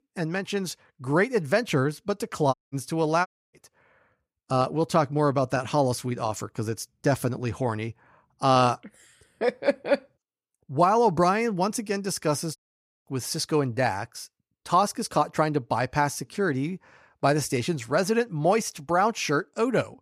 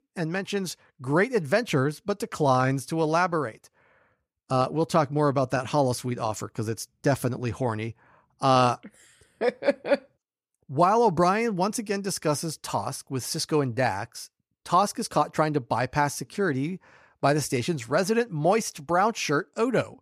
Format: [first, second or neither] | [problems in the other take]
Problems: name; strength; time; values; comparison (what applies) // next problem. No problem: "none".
second | audio cutting out; at 2.5 s, at 3.5 s and at 13 s